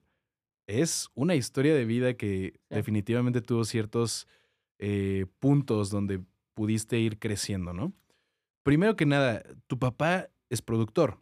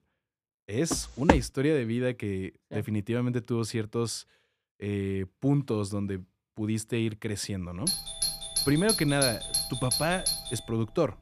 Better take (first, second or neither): first